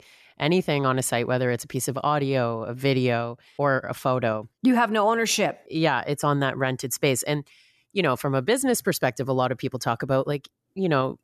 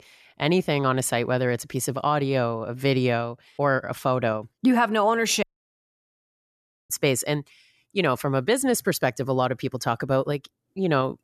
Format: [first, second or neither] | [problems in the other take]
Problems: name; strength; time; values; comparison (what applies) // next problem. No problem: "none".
first | audio cutting out; at 5.5 s for 1.5 s